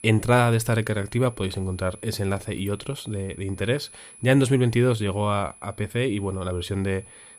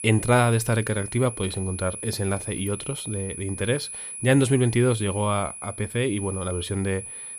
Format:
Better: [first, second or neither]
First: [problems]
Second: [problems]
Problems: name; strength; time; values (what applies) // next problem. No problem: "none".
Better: first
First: high-pitched whine; faint; throughout; 10 kHz, 20 dB below the speech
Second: high-pitched whine; loud; throughout; 10 kHz, 9 dB below the speech